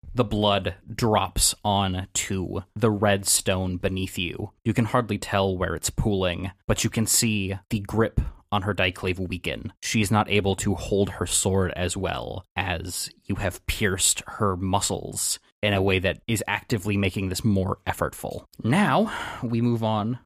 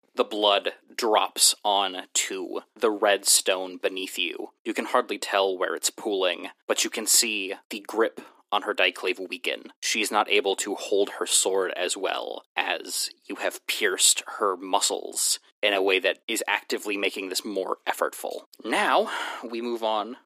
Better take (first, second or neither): first